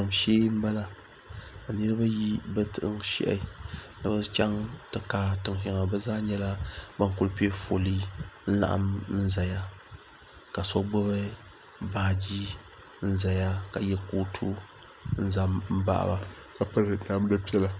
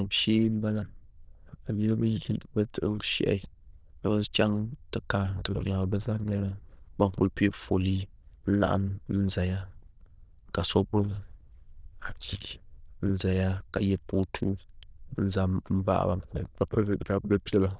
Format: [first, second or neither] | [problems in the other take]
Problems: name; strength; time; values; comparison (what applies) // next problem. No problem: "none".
first | noise reduction (neural diffusion model UNIVERSE++)